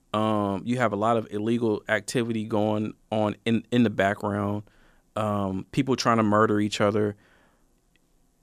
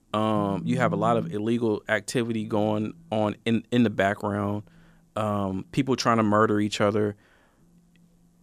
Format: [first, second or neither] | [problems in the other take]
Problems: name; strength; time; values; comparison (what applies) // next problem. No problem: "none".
first | alarms or sirens; noticeable; throughout; 10 dB below the speech